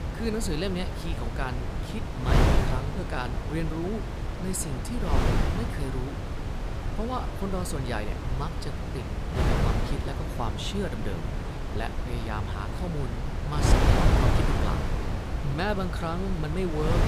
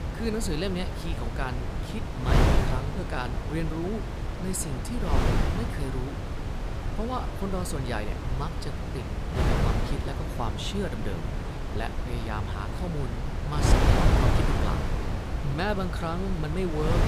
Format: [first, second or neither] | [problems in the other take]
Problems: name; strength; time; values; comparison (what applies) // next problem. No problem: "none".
neither | wind noise on the microphone; heavy; 1 dB above the speech; the same in both